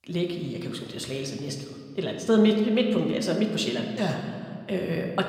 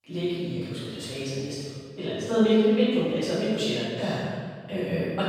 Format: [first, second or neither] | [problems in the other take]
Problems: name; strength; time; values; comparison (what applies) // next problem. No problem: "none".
first | room echo; strong; dies away in 1.5 s; slight in the first // off-mic speech; far